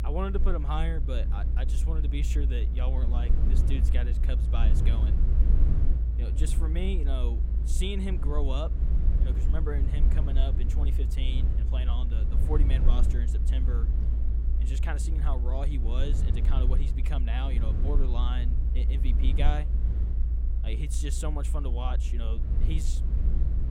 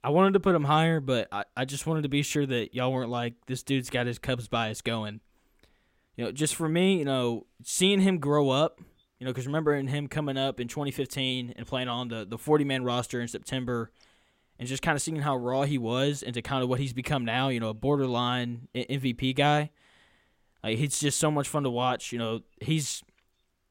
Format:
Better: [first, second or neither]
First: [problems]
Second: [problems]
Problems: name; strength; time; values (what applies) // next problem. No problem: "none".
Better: second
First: low rumble; loud; throughout; 6 dB below the speech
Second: none